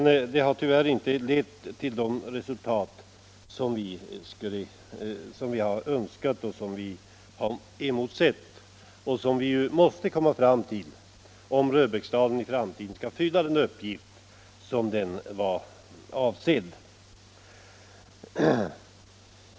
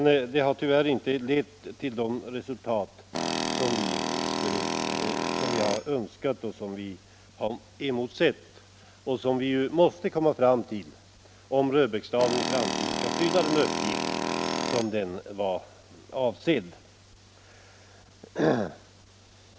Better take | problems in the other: first | background sound (Tools); 1 dB below the speech

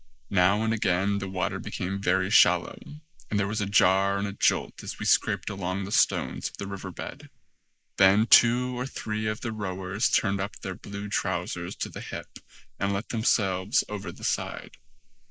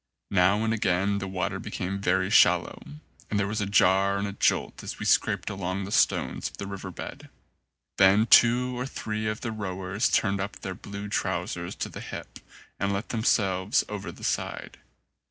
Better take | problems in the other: second | noise reduction (neural mask model Resemble Enhance denoiser)

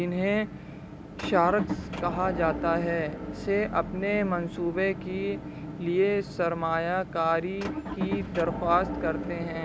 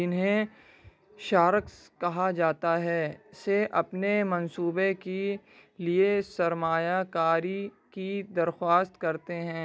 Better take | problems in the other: second | background sound (Motor vehicle (road) / Engine); 7 dB below the speech

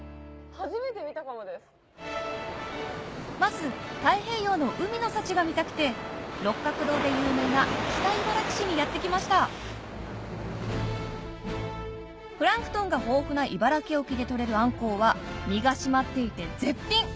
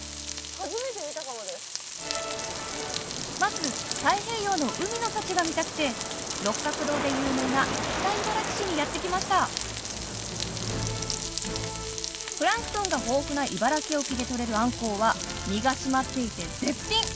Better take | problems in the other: first | background sound (Frying (food)); 7 dB below the speech

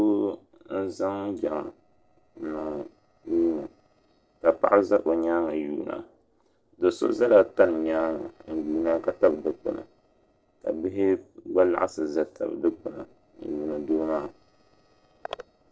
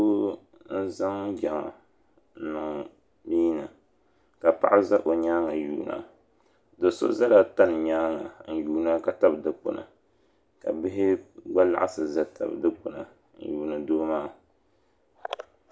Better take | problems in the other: second | noise reduction (neural separator model SepFormer DNS4)

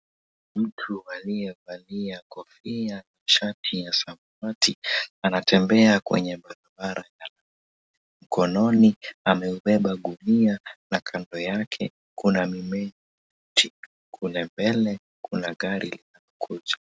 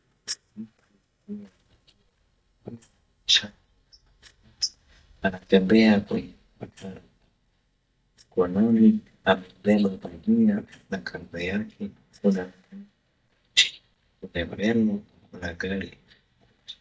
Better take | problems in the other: first | noise reduction (neural mask model DeepFilterNet 3)

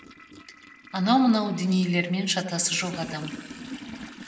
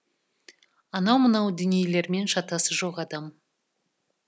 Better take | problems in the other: second | background sound (Toilet flush); 16 dB below the speech // room echo; dies away in 2.4 s

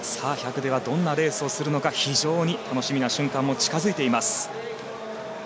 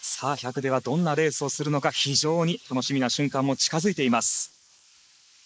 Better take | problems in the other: first | noise reduction (neural mask model Resemble Enhance denoiser)

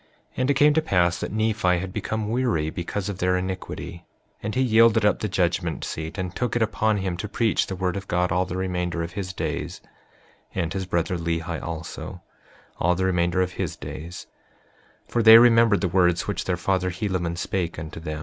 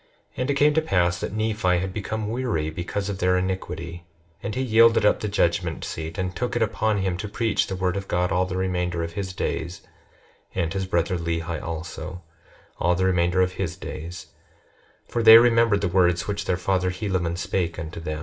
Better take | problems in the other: first | room echo; dies away in 0.4 s

